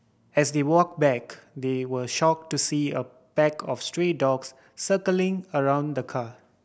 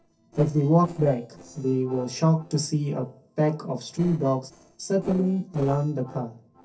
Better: first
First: none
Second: noise reduction (neural separator model SepFormer DNS4)

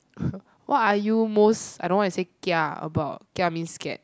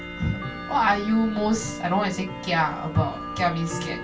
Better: first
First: none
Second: background sound (Tick-tock / Bell); 9 dB below the speech // room echo; dies away in 0.2 s

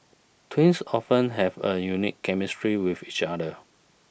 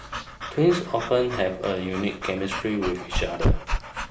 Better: first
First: none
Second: background sound (Dog / Breathing); 3 dB below the speech // room echo; dies away in 0.8 s

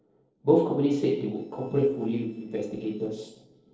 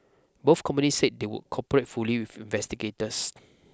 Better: second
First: noise reduction (neural separator model SepFormer DNS4)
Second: none

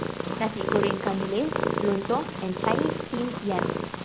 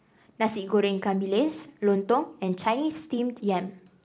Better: second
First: background sound (Purr); as loud as the speech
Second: none

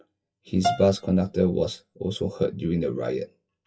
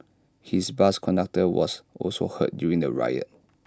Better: second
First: noise reduction (classical method WPE with log-MMSE)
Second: none

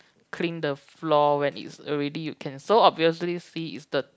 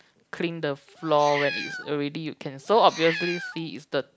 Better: first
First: none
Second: background sound (Meow); 10 dB below the speech

